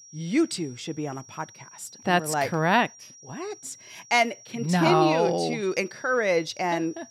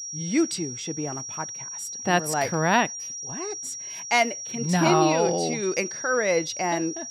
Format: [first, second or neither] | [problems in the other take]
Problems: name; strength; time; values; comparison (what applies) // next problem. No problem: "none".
first | high-pitched whine; loud; throughout; 5.5 kHz, 8 dB below the speech; faint in the first